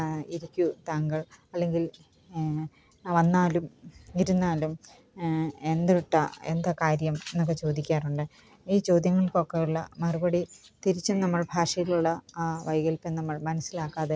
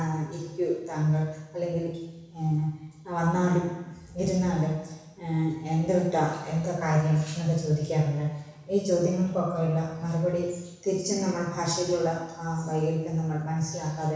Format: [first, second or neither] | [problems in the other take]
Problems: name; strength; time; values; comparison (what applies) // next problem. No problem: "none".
first | room echo; dies away in 1.1 s